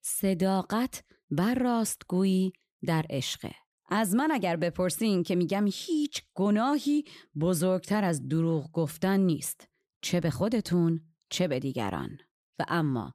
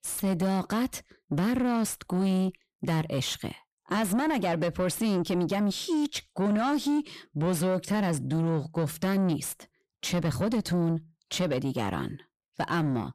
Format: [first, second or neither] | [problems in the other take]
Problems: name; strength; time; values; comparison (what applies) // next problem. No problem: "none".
first | distortion; slight; 10 dB below the speech